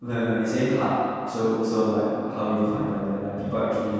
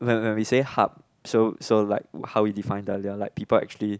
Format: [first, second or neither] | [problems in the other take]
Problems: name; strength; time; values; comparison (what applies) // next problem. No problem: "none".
second | room echo; dies away in 2.1 s